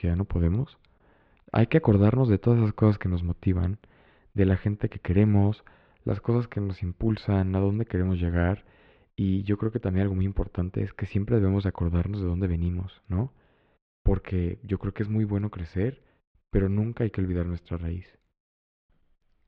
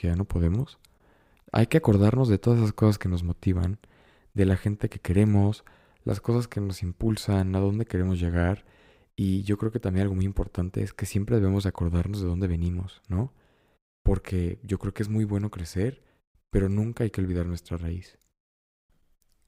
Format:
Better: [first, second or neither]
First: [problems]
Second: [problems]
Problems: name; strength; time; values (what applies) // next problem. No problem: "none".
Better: second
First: muffled; slightly; fading above 3.5 kHz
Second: none